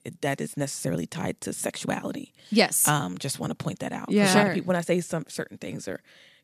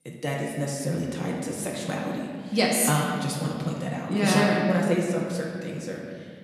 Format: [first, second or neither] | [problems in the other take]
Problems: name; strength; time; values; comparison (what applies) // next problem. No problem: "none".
first | room echo; noticeable; dies away in 2 s // off-mic speech; far